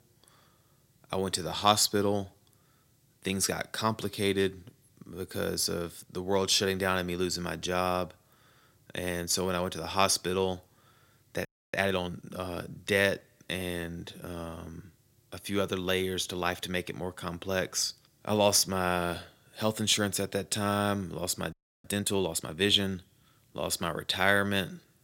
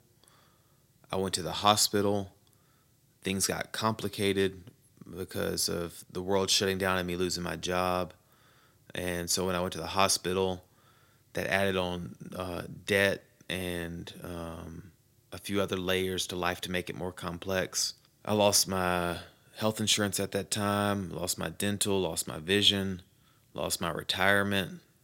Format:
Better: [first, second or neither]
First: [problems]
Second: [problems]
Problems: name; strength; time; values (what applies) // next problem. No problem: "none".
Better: second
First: audio freezing; at 11 s and at 22 s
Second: none